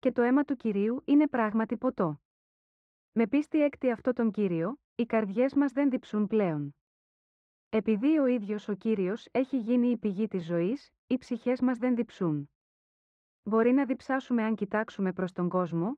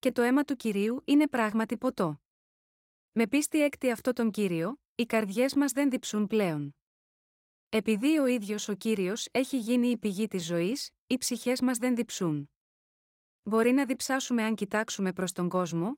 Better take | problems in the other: second | muffled; very; fading above 1.5 kHz

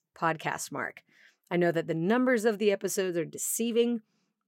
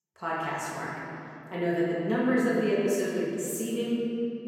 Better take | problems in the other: first | room echo; strong; dies away in 2.9 s // off-mic speech; far

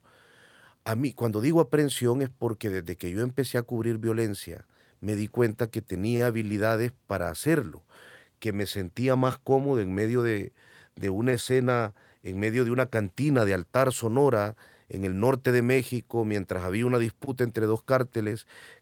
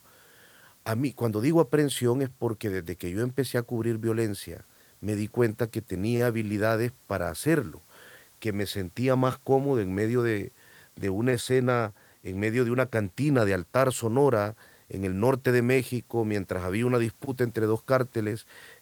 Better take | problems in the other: first | hiss; faint; throughout; 30 dB below the speech

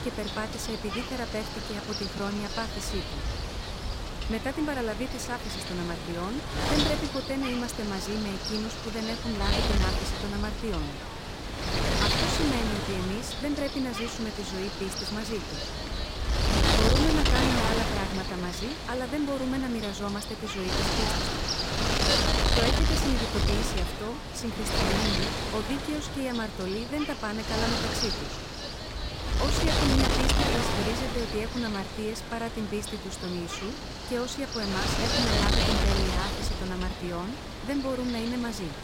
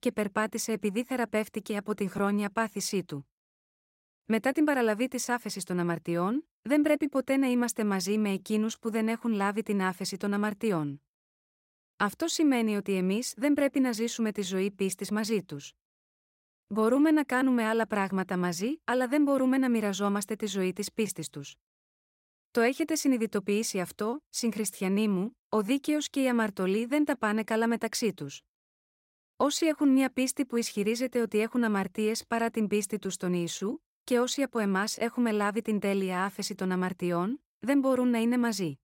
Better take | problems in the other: second | wind noise on the microphone; heavy; 4 dB above the speech

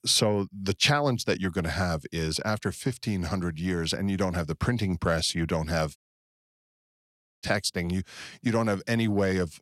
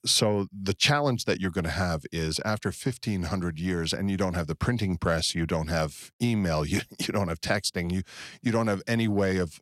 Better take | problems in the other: second | audio cutting out; at 6 s for 1.5 s

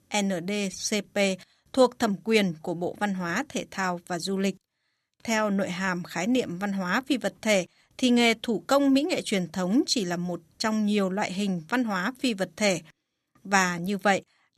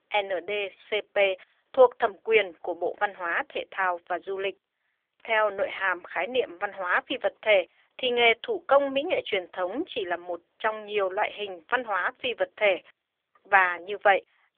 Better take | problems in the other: first | phone-call audio; nothing above 3.5 kHz

